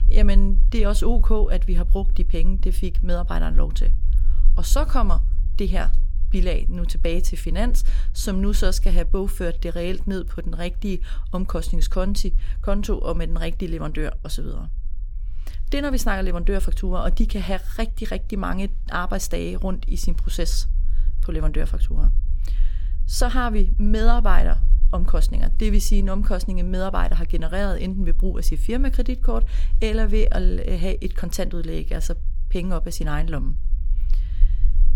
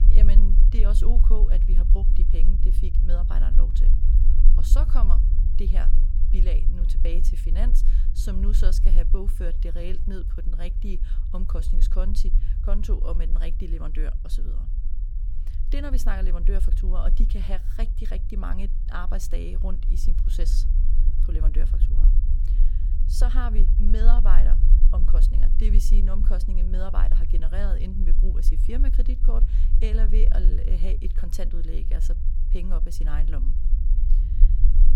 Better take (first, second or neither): first